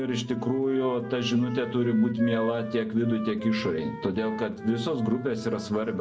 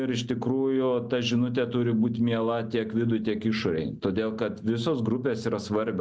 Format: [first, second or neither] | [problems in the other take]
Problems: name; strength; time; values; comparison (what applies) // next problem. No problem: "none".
second | background sound (Wind instrument, woodwind instrument); 14 dB below the speech // room echo; dies away in 1 s